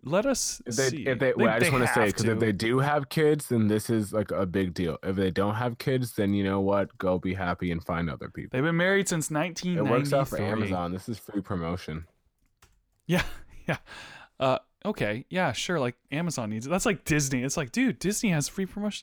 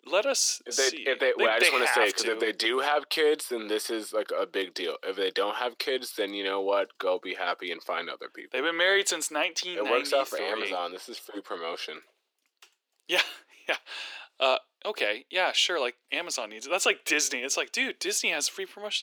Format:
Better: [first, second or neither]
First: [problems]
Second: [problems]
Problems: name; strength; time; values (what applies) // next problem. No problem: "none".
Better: first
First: none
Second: thin; very; fading below 350 Hz